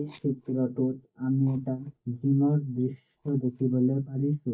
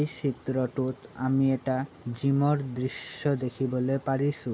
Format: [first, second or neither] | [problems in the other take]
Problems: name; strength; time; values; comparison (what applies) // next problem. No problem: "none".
second | noise reduction (neural mask model DeepFilterNet 3)